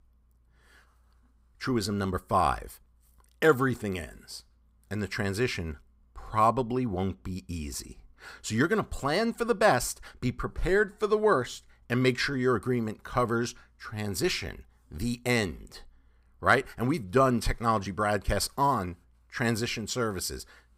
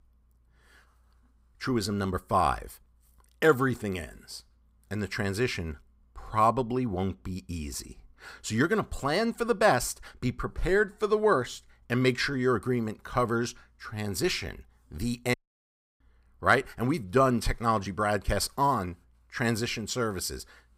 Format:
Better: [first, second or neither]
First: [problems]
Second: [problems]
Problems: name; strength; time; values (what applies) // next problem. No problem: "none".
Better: first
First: none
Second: audio cutting out; at 15 s for 0.5 s